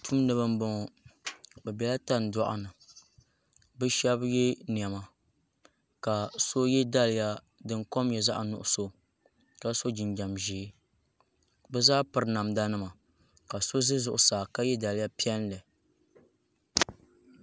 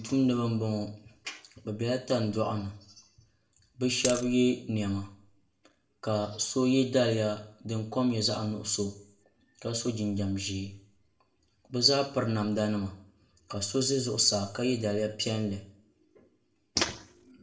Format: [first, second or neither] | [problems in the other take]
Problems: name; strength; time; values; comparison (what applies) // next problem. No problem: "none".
first | background sound (Coin (dropping)); 3 dB below the speech // room echo; dies away in 0.5 s